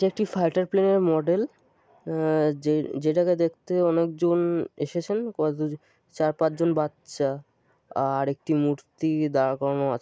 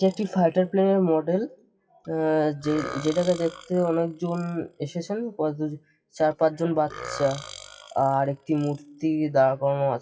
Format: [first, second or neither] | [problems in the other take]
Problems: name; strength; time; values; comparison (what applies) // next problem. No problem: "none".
first | noise reduction (classical method WPE with log-MMSE)